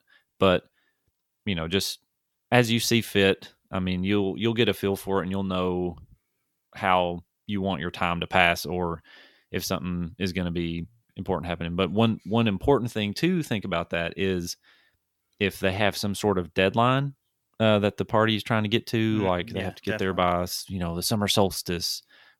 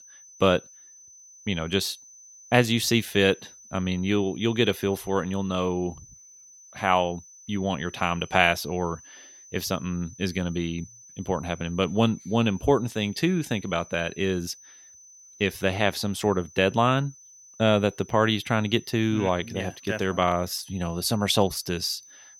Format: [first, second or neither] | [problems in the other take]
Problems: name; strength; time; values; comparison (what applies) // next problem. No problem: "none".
first | high-pitched whine; faint; throughout; 6 kHz, 20 dB below the speech